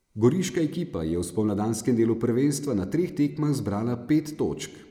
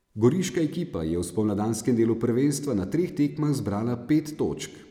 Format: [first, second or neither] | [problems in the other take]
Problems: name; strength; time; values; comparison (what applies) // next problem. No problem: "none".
second | noise reduction (neural mask model Resemble Enhance denoiser)